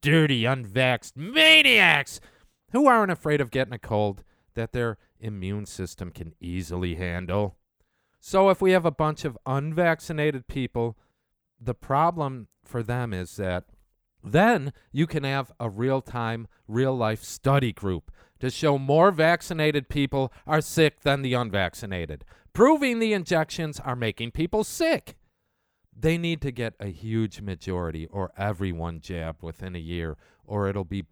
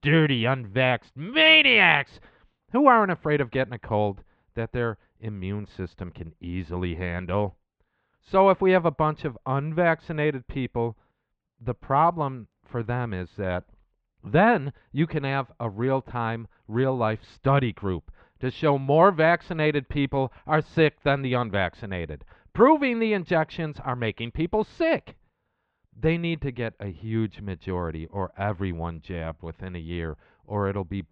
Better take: first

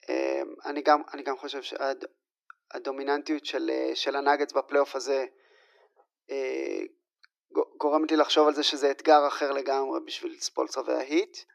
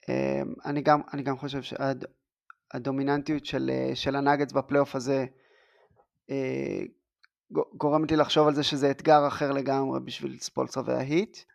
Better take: second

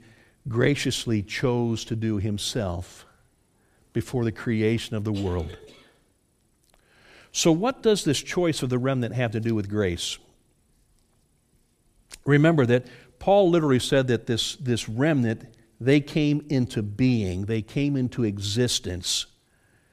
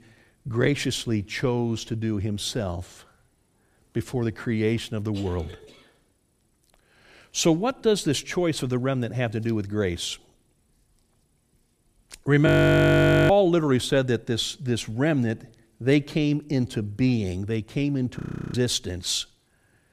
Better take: first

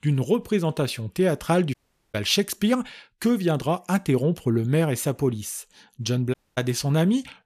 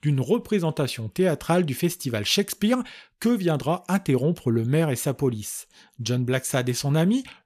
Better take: second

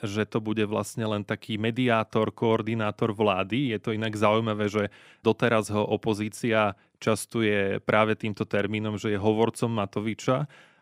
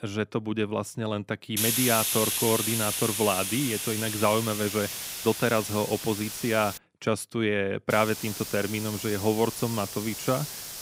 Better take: first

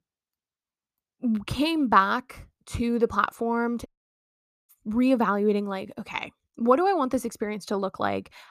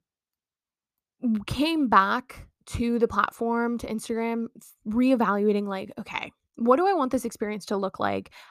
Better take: second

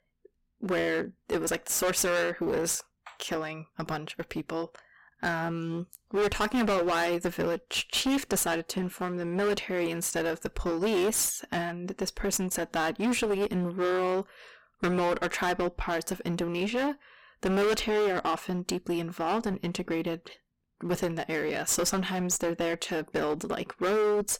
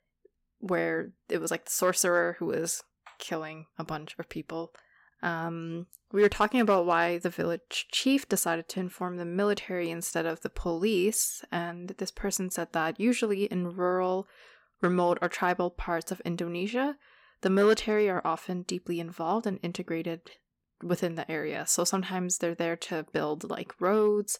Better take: second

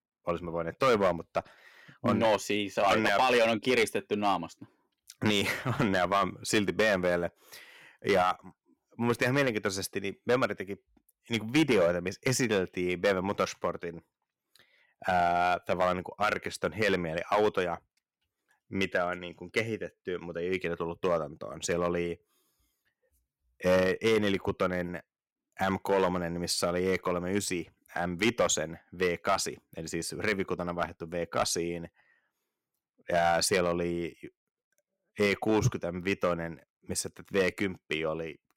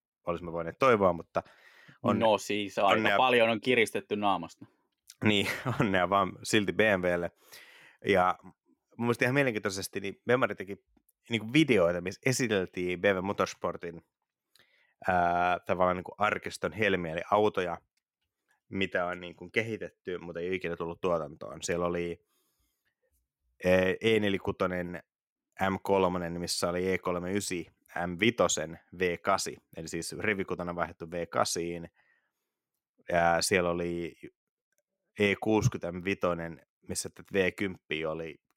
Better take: second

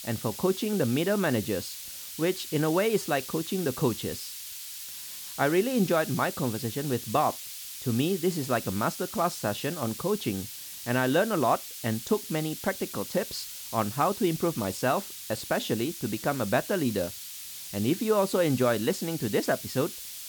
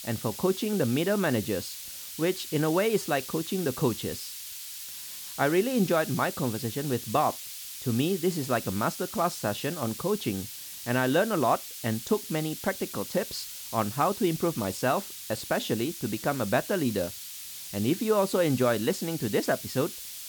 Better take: neither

